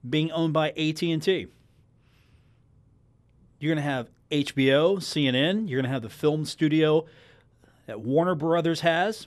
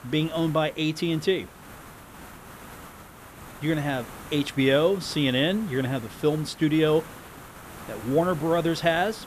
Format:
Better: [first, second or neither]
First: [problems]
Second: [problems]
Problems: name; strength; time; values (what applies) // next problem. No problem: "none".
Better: first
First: none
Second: hiss; noticeable; throughout; 15 dB below the speech